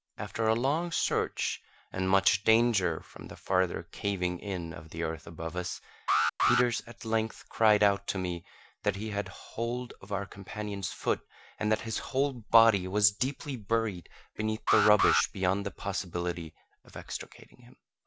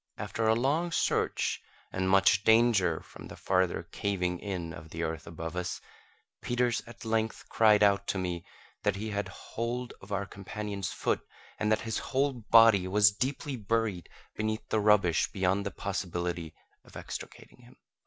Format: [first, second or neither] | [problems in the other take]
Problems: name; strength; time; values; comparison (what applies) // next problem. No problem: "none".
second | background sound (Alarm); 1 dB below the speech